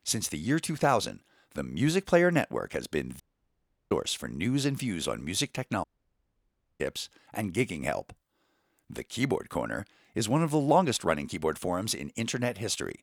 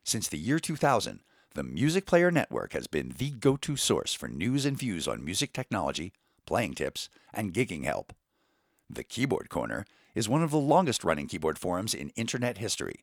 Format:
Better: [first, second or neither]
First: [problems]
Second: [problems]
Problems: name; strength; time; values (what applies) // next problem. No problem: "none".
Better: second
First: audio cutting out; at 3 s for 0.5 s and at 6 s for 1 s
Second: none